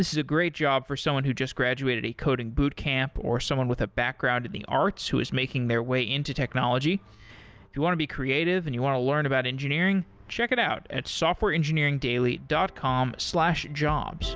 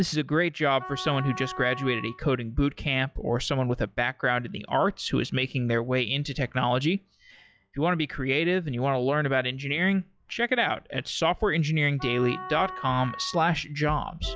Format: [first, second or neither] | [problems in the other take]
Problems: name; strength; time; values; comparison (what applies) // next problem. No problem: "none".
first | noise reduction (classical method log-MMSE)